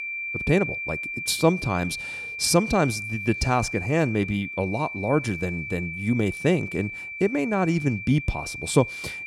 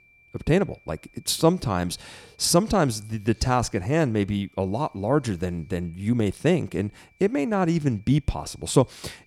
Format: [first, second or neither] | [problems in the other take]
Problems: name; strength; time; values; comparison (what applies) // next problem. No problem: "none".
second | high-pitched whine; loud; throughout; 2.5 kHz, 7 dB below the speech; faint in the second